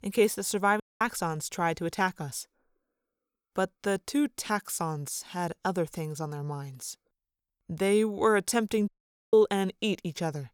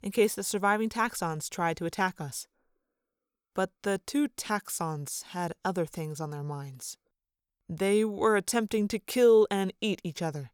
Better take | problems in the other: second | audio cutting out; at 1 s and at 9 s

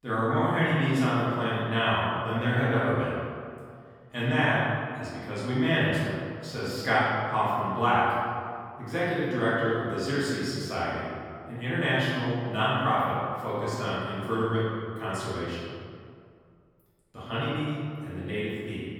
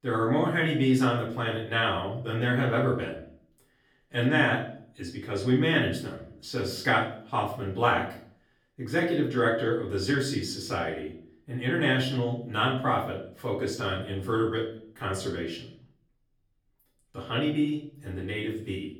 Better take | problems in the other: second | room echo; strong; dies away in 1.9 s; slight in the second // off-mic speech; far; far in the second

